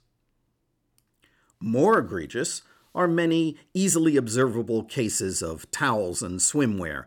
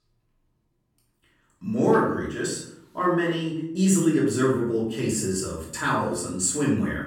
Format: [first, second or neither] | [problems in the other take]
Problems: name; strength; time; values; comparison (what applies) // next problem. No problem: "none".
first | off-mic speech; far // room echo; noticeable; dies away in 0.6 s